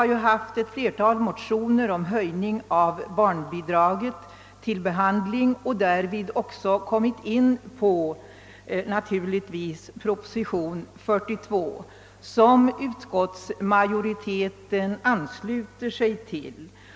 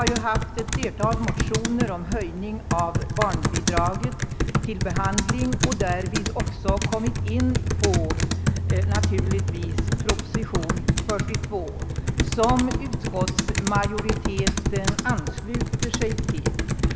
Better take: first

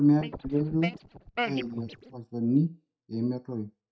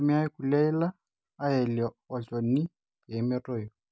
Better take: second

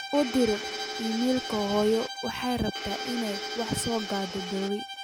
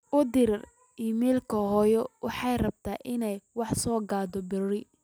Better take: second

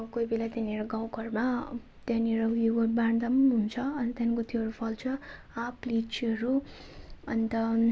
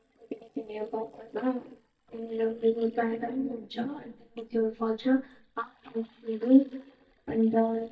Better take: first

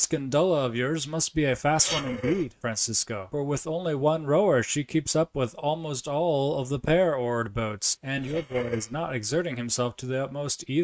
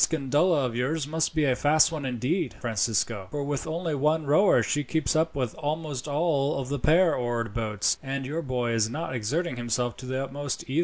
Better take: second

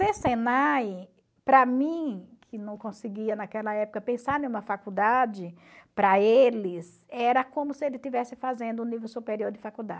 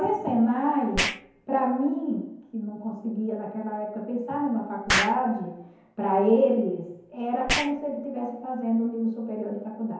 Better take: first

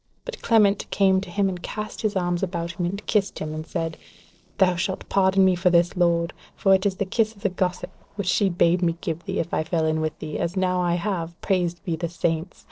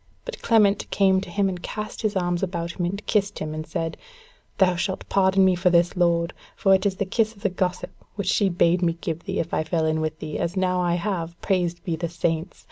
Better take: second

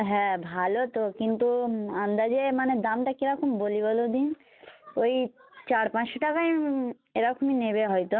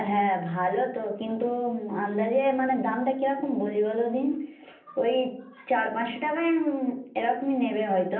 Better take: first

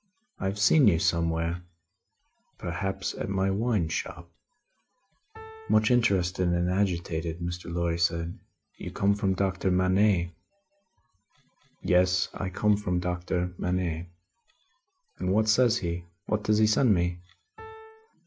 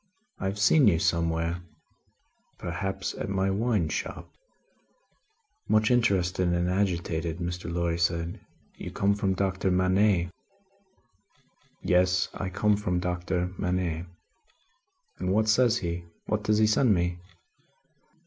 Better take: second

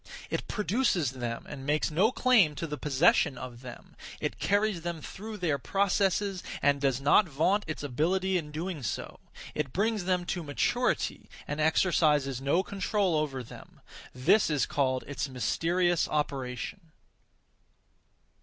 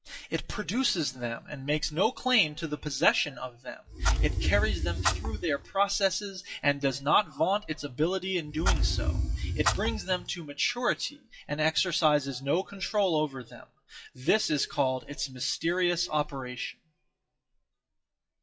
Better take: first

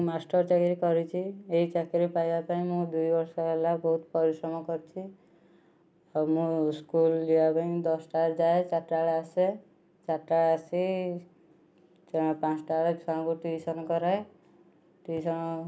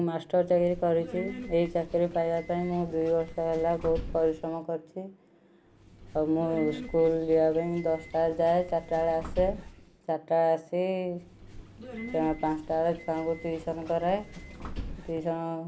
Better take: first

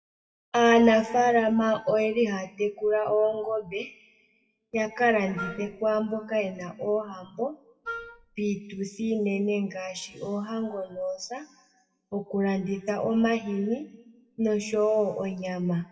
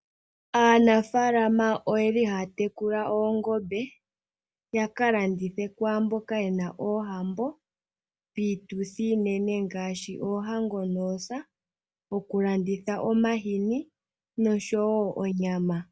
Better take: second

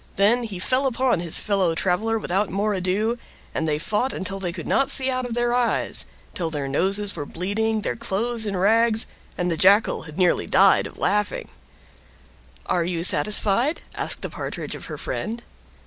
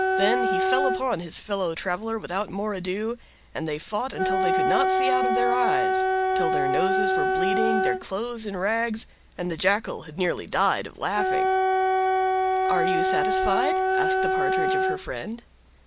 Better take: first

